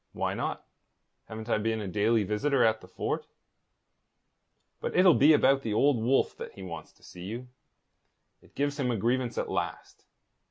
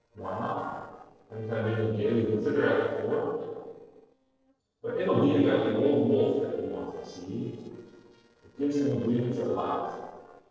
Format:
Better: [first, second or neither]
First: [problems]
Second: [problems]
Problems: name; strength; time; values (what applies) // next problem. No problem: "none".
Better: first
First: none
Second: noise reduction (neural separator model SepFormer DNS4)